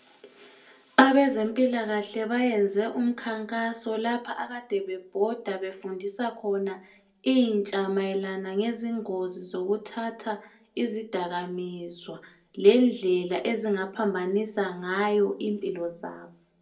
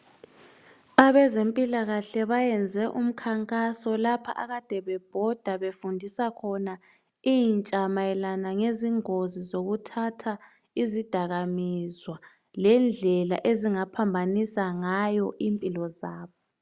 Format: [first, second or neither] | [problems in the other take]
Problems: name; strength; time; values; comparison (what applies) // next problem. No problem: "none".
second | room echo; dies away in 0.2 s